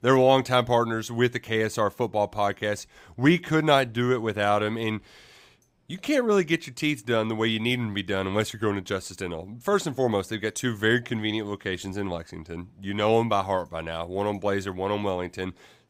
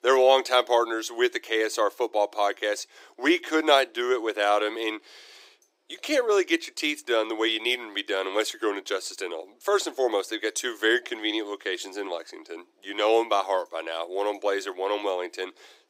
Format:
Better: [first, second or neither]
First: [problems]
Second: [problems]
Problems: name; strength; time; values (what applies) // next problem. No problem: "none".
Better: first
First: none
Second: thin; very; fading below 300 Hz